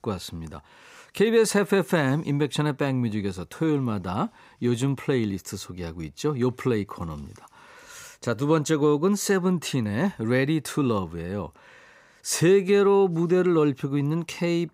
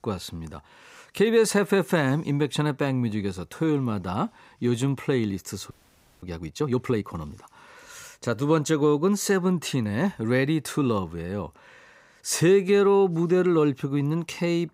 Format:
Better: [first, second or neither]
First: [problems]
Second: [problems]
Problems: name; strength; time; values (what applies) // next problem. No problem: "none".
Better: first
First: none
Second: audio freezing; at 5.5 s for 0.5 s